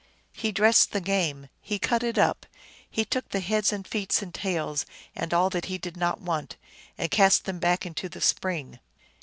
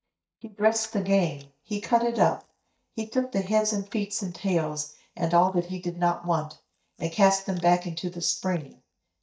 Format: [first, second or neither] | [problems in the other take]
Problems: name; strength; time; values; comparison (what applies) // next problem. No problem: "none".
first | noise reduction (neural mask model DeepFilterNet 3)